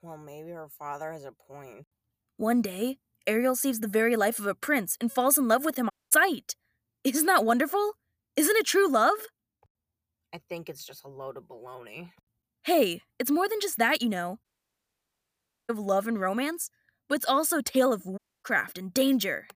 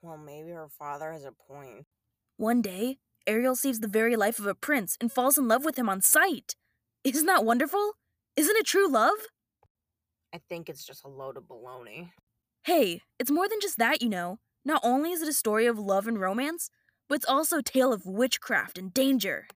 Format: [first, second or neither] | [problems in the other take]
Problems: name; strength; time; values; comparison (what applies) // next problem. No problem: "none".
second | audio cutting out; at 6 s, at 14 s for 1.5 s and at 18 s